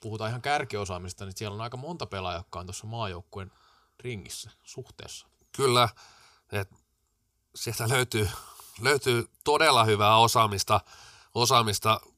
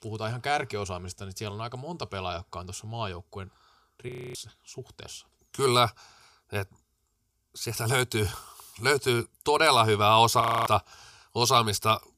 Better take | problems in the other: first | audio freezing; at 4 s and at 10 s

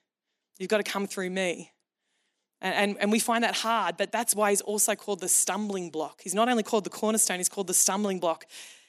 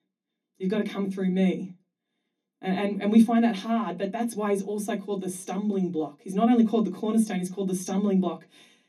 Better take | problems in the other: first | room echo; slight; dies away in 0.3 s // off-mic speech; far

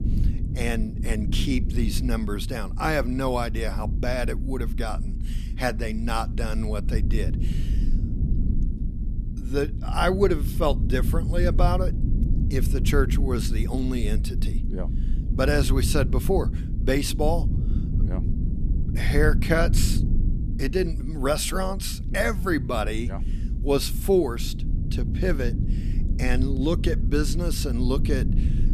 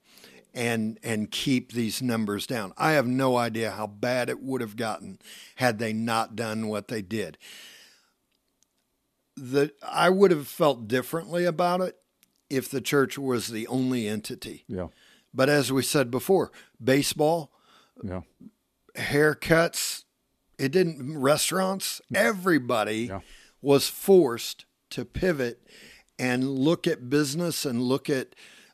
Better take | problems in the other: second | low rumble; noticeable; throughout; 10 dB below the speech

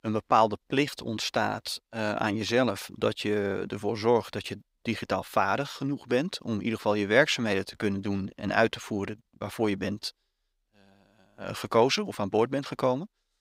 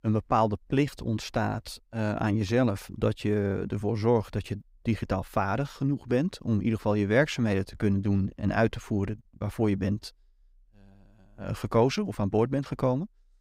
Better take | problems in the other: second | thin; very slightly; fading below 500 Hz

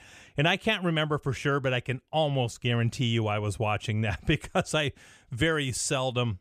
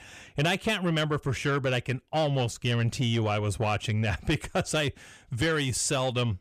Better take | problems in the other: first | distortion; slight; 10 dB below the speech

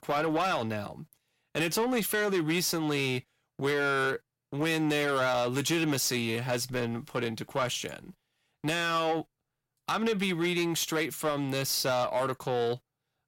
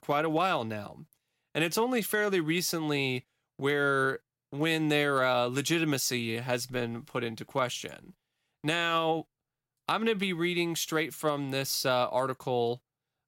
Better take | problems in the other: second | distortion; slight; 10 dB below the speech

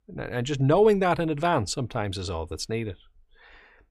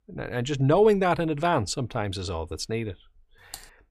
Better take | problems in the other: first | keyboard typing; faint; at 3.5 s; peak 20 dB below the speech

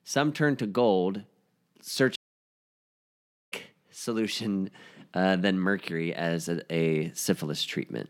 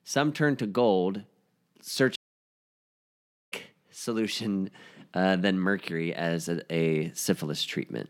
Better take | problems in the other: neither | audio cutting out; at 2 s for 1.5 s; the same in both

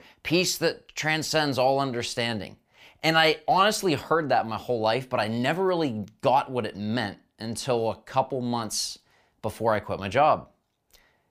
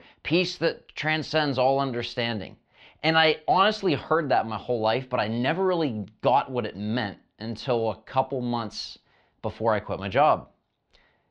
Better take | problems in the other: first | muffled; very slightly; fading above 4 kHz

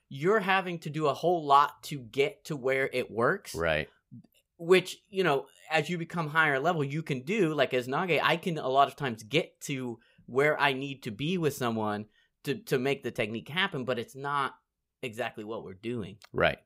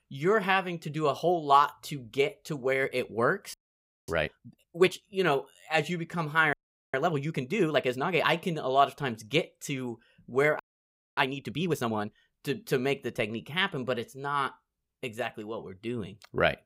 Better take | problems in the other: first | audio freezing; at 3.5 s for 0.5 s, at 6.5 s and at 11 s for 0.5 s

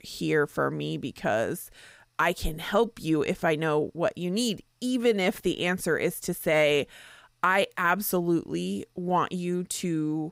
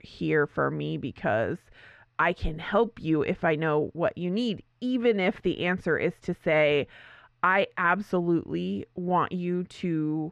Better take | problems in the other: first | muffled; slightly; fading above 2.5 kHz

